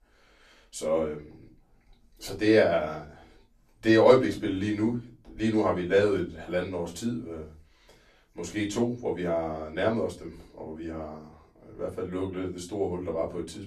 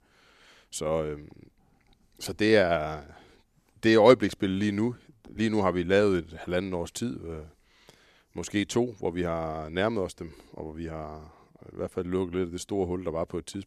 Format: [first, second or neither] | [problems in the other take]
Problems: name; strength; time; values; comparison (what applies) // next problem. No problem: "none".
second | off-mic speech; far // room echo; very slight; dies away in 0.2 s